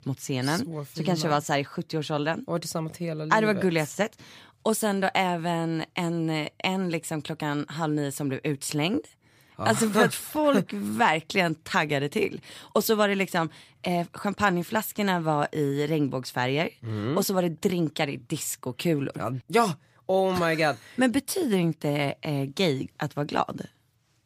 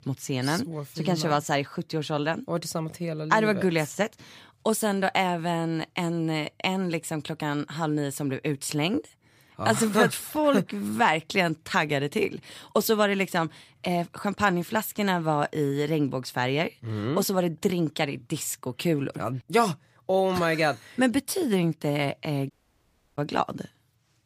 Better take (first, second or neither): first